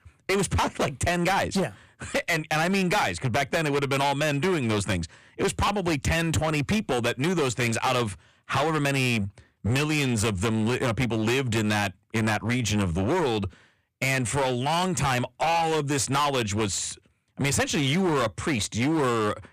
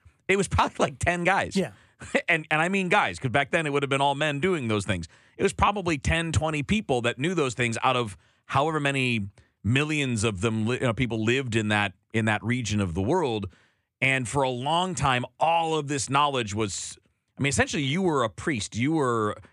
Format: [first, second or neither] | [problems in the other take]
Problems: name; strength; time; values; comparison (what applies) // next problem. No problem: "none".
second | distortion; heavy; 22% of the sound clipped